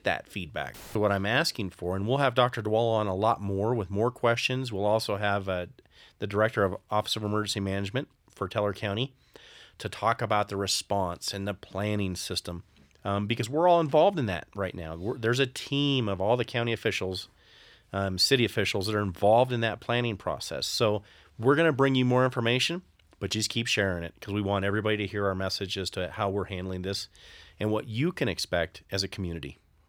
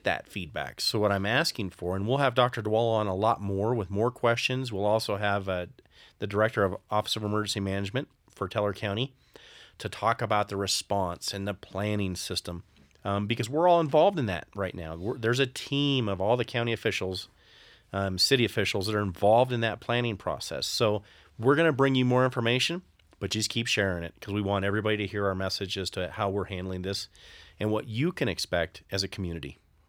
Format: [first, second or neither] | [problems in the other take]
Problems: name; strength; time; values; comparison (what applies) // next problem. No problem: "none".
second | audio cutting out; filled with static; at 0.5 s